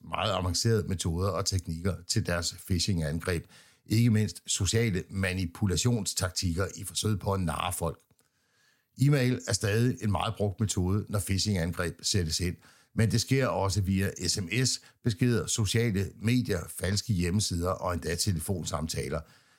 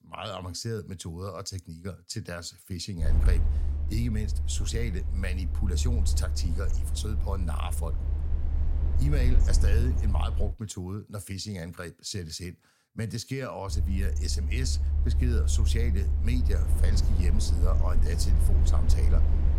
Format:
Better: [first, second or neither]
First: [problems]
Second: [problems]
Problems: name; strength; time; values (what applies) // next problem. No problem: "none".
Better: first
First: none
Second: low rumble; loud; from 3 to 11 s and from 14 s on; 7 dB below the speech